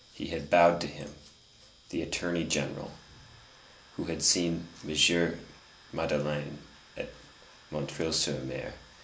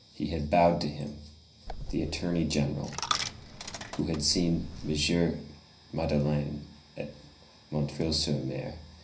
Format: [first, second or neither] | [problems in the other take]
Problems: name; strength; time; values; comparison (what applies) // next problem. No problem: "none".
first | background sound (Coin (dropping)); 8 dB below the speech // room echo; dies away in 0.4 s